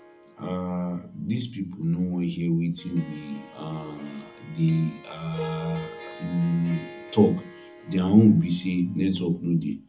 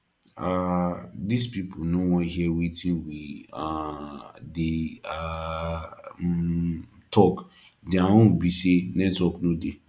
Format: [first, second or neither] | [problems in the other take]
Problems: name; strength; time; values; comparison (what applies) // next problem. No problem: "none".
second | background sound (Harp); 18 dB below the speech // room echo; dies away in 0.4 s